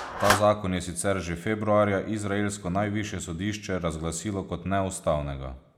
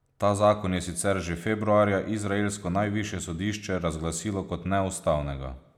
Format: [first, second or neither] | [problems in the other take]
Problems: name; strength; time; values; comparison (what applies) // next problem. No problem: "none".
second | background sound (Clapping); 10 dB below the speech